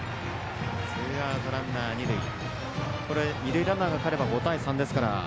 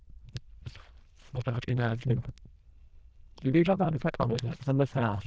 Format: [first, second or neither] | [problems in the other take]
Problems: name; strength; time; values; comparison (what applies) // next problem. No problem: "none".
first | noise reduction (neural diffusion model UNIVERSE++)